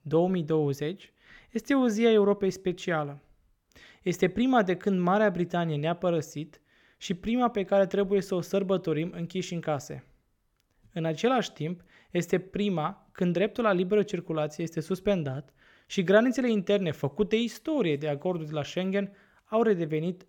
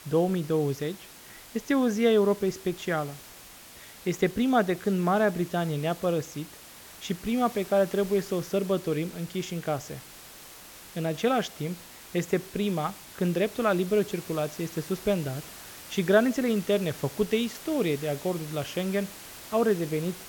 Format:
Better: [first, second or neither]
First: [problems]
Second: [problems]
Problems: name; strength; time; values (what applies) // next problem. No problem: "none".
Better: first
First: none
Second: hiss; noticeable; throughout; 15 dB below the speech